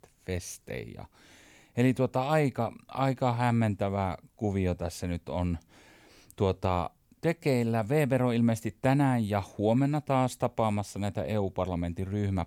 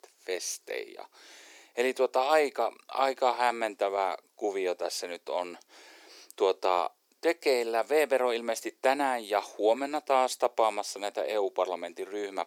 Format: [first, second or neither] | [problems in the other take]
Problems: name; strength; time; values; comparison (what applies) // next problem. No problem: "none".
first | thin; very; fading below 350 Hz